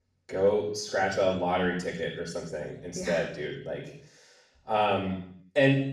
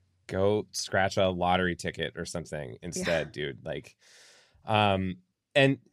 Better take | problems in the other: second | room echo; noticeable; dies away in 0.7 s // off-mic speech; far

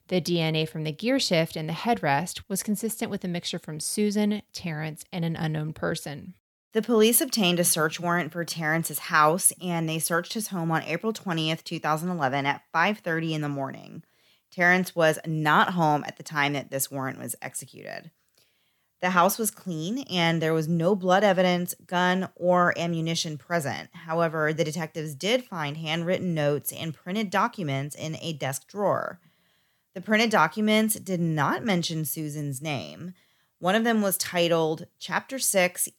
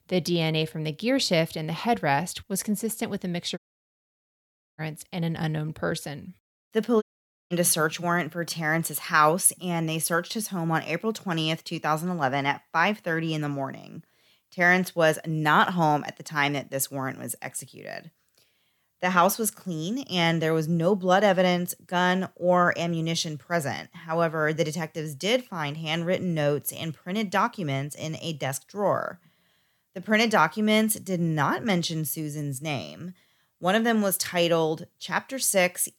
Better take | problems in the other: first | audio cutting out; at 3.5 s for 1 s and at 7 s

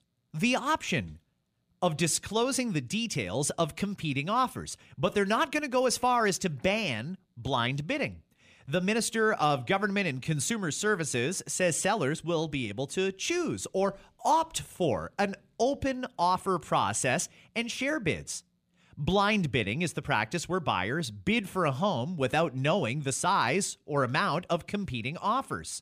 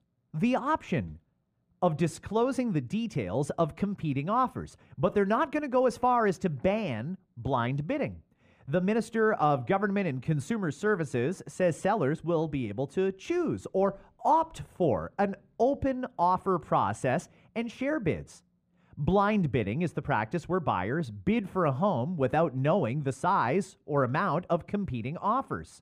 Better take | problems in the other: first | muffled; very; fading above 2 kHz

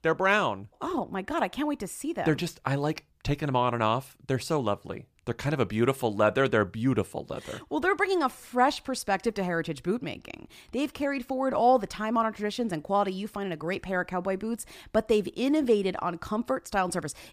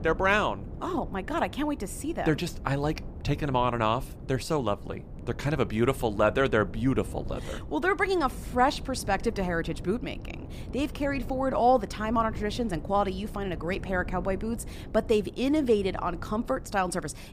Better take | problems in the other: first | wind noise on the microphone; occasional gusts; 20 dB below the speech

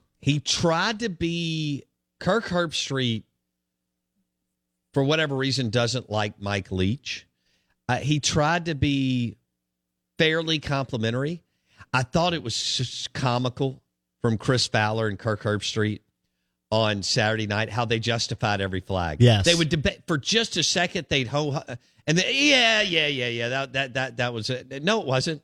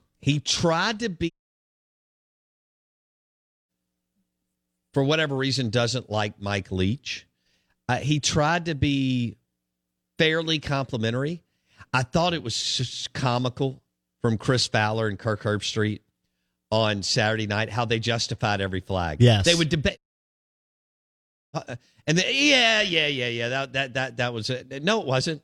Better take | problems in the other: first | audio cutting out; at 1.5 s for 2.5 s and at 20 s for 1.5 s

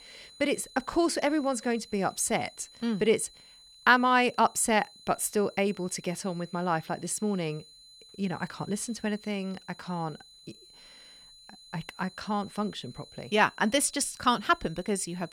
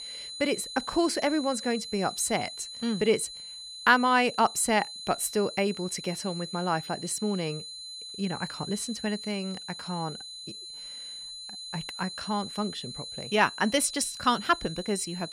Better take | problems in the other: first | high-pitched whine; loud; throughout; 4 kHz, 10 dB below the speech; faint in the first

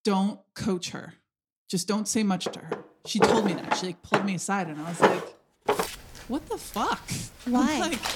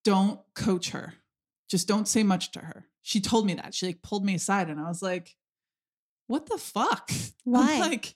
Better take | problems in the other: second | household noises; very loud; from 2.5 s on; 1 dB above the speech

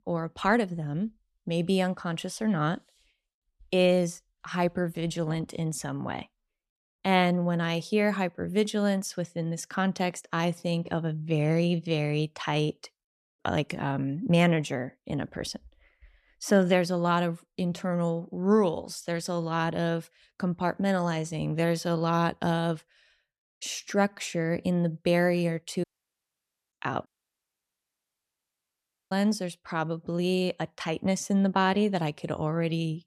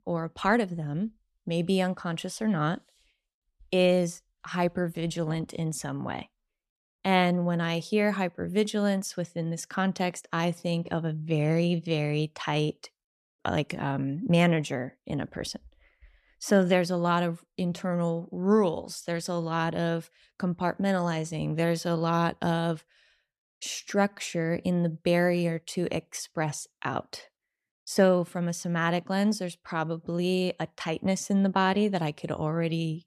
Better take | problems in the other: second | audio cutting out; at 26 s for 1 s and at 27 s for 2 s

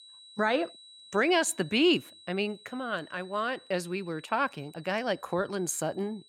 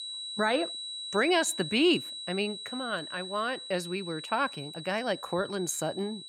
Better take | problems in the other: first | high-pitched whine; loud; throughout; 4 kHz, 8 dB below the speech; faint in the first

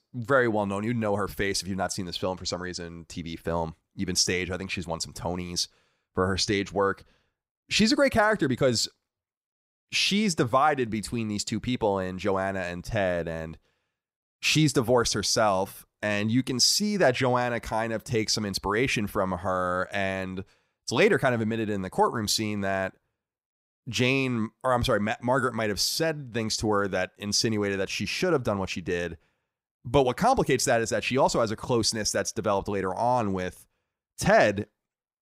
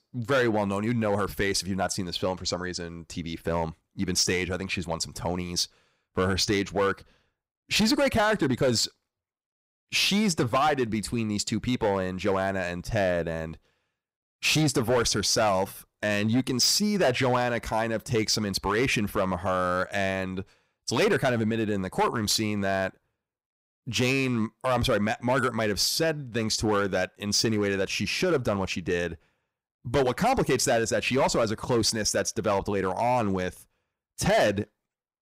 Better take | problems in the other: first | distortion; slight; 6% of the sound clipped

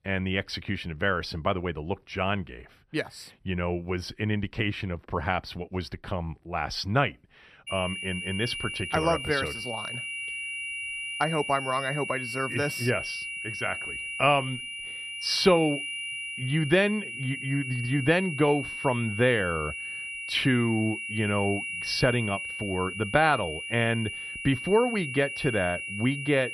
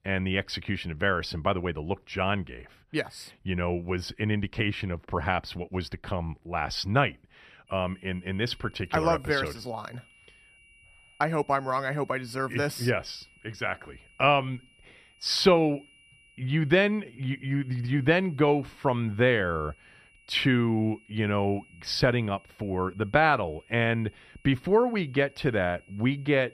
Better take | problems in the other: second | high-pitched whine; loud; from 7.5 s on; 3 kHz, 5 dB below the speech; faint in the second

